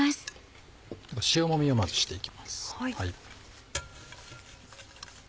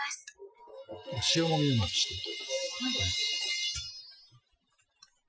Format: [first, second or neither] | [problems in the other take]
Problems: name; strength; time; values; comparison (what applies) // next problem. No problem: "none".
first | noise reduction (classical method Wiener filter)